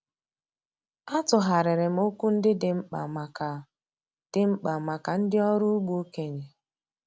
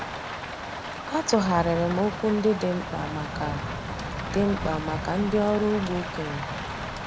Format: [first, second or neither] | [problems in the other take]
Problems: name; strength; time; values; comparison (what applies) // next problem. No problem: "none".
first | background sound (Rain); 6 dB below the speech